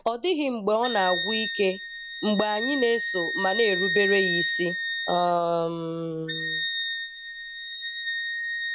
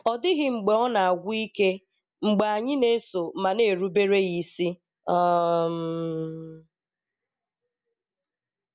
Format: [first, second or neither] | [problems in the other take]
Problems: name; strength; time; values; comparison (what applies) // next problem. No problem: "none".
second | background sound (Wind instrument, woodwind instrument); 3 dB below the speech